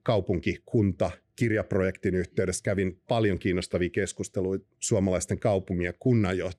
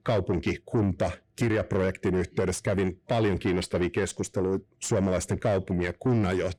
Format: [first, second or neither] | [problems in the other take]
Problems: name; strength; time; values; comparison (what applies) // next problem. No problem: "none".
first | distortion; slight; 10 dB below the speech